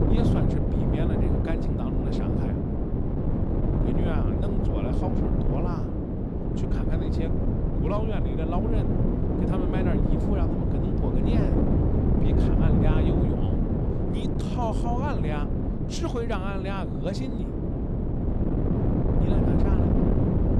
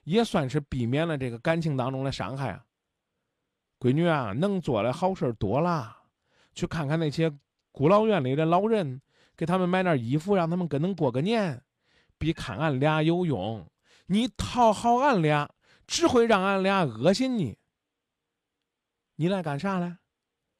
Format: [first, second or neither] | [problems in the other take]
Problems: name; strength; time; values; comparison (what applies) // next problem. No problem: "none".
second | wind noise on the microphone; heavy; 3 dB above the speech